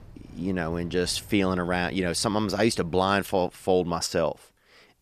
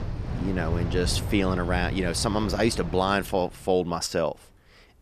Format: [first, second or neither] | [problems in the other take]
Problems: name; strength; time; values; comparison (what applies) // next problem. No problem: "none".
first | wind in the background; loud; throughout; 6 dB below the speech; faint in the first